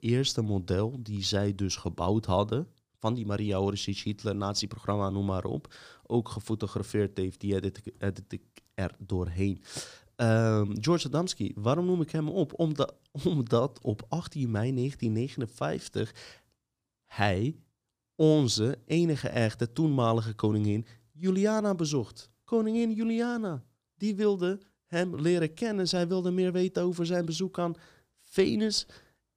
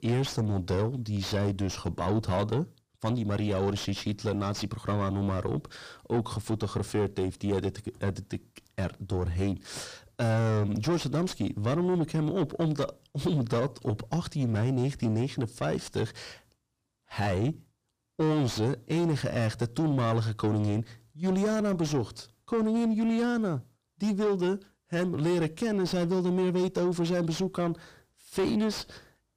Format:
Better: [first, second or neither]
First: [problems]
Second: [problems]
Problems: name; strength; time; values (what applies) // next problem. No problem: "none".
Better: first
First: none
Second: distortion; heavy; 7 dB below the speech